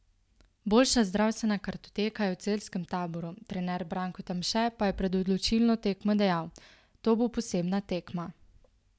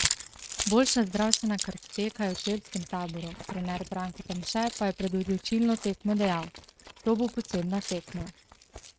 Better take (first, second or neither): first